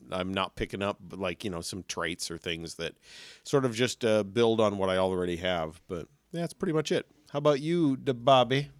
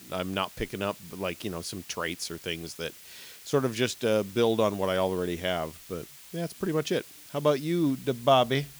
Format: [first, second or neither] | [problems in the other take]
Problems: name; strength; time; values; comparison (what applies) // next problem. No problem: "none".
first | hiss; noticeable; throughout; 15 dB below the speech